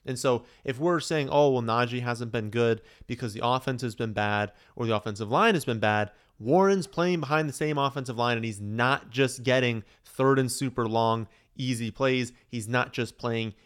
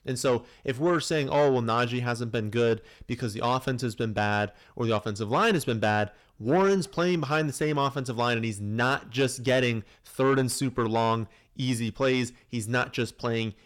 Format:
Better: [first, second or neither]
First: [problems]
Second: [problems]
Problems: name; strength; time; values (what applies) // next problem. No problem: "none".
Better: first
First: none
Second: distortion; slight; 10 dB below the speech